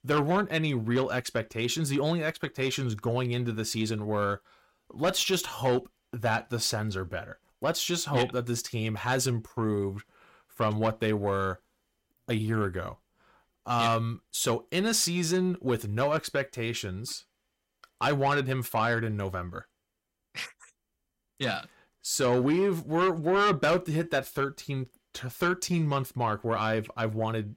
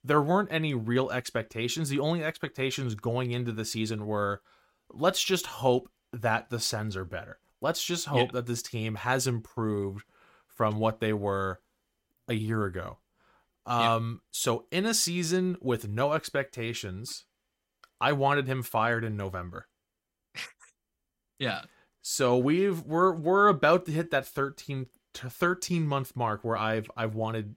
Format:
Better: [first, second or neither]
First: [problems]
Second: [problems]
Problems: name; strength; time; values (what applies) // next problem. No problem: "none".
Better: second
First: distortion; slight; 10 dB below the speech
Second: none